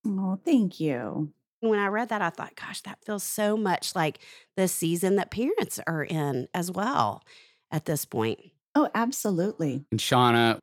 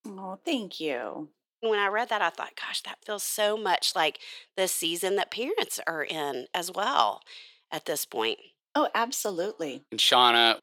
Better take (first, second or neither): first